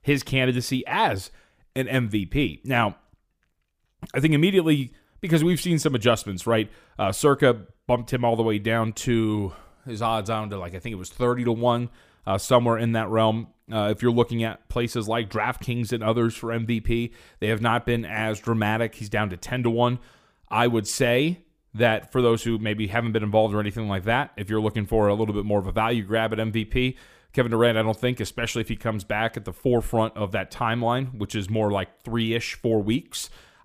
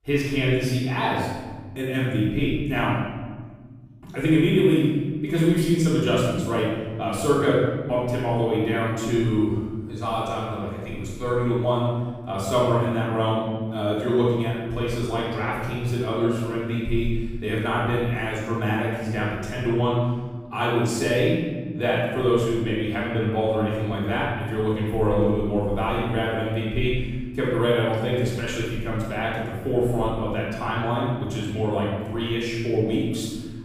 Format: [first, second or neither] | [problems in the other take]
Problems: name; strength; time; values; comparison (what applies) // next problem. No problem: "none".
first | off-mic speech; far // room echo; strong; dies away in 1.5 s